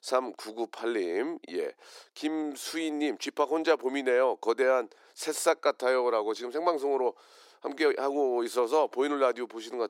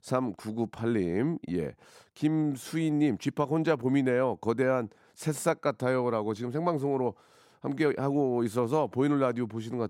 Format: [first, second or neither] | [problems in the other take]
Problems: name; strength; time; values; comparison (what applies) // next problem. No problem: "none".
second | thin; somewhat; fading below 350 Hz